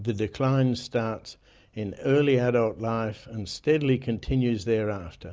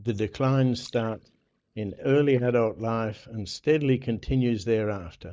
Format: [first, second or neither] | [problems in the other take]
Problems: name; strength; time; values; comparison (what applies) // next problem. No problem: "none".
first | noise reduction (neural mask model DeepFilterNet 3)